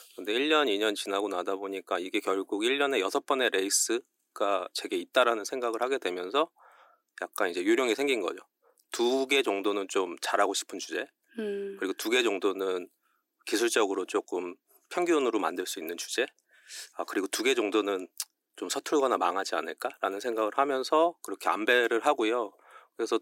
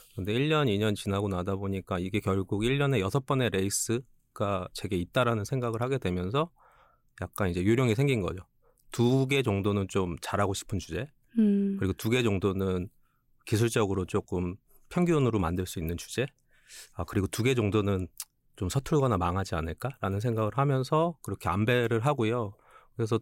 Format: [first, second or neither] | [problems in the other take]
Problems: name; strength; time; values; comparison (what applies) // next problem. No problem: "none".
second | thin; very; fading below 300 Hz